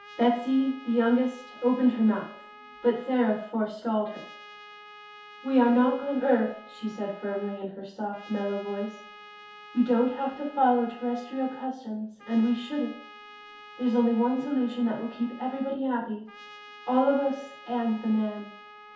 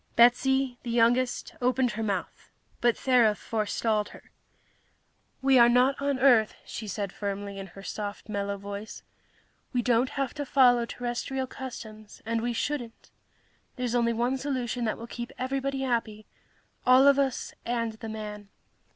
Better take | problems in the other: second | background sound (Trumpet); 20 dB below the speech // room echo; dies away in 0.5 s

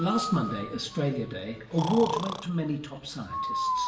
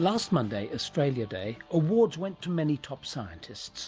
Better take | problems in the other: second | background sound (Breathing); 5 dB below the speech // room echo; dies away in 0.8 s

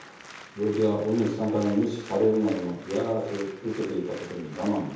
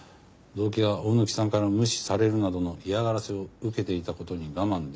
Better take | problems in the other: second | background sound (Applause); 19 dB below the speech // room echo; dies away in 0.7 s

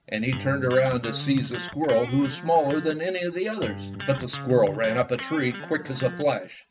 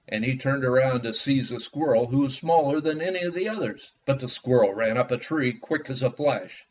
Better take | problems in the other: second | background sound (Electric guitar); 11 dB below the speech

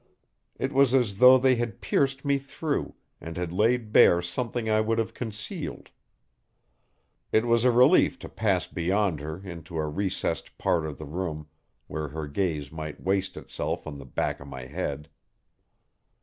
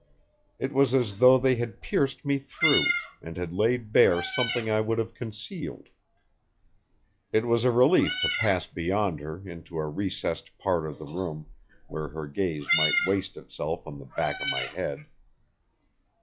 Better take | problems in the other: first | noise reduction (classical method log-MMSE)

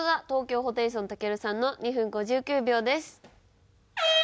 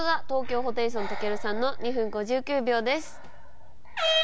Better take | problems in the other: first | background sound (Breathing); 2 dB below the speech

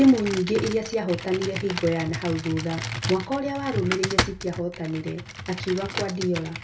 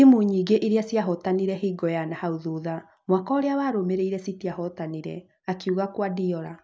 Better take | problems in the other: second | background sound (Computer keyboard); 7 dB below the speech // room echo; dies away in 0.2 s

